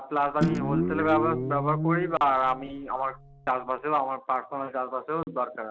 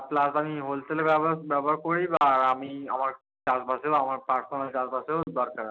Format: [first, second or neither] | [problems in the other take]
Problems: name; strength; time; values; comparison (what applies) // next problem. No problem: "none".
second | background sound (Guitar); 2 dB below the speech